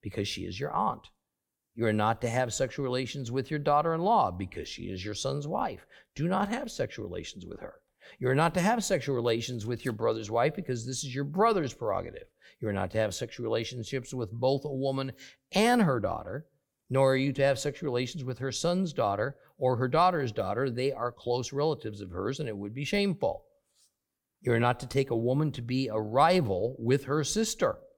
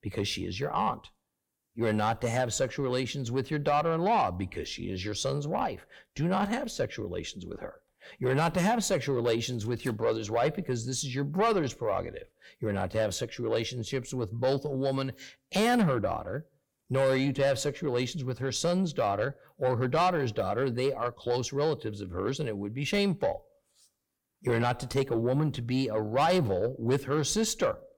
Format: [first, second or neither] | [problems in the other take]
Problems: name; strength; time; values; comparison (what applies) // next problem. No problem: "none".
first | distortion; slight; 10 dB below the speech